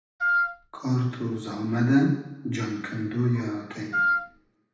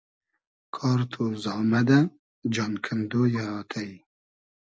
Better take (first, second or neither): second